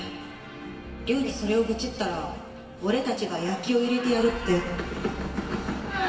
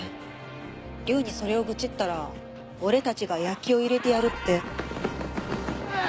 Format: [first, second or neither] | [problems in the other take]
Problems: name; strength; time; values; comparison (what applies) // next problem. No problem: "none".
second | room echo; dies away in 1.4 s